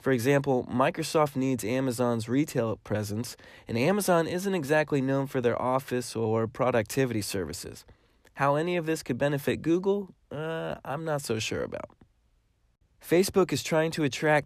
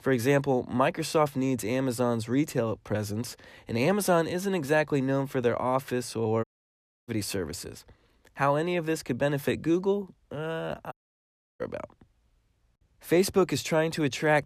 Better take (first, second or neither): first